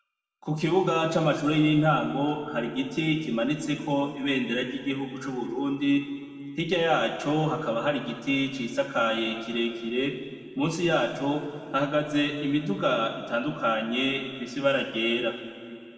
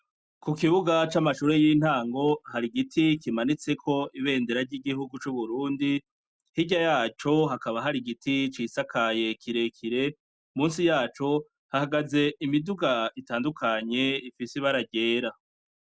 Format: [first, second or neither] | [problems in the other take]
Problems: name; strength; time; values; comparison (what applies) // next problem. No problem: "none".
second | room echo; dies away in 2 s